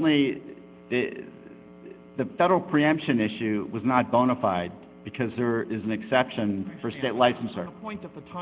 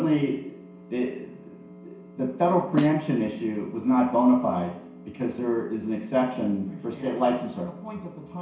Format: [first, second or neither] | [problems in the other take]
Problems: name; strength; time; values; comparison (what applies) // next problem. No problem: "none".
first | background sound (Snare drum); 10 dB below the speech // room echo; dies away in 0.6 s